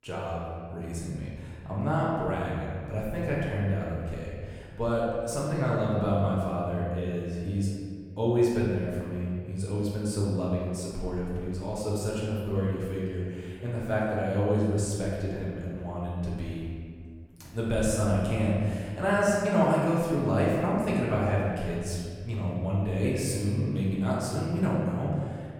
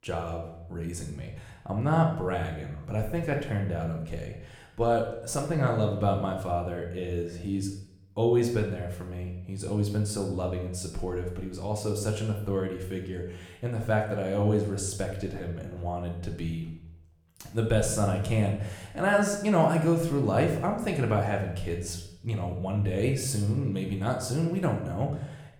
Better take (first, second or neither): second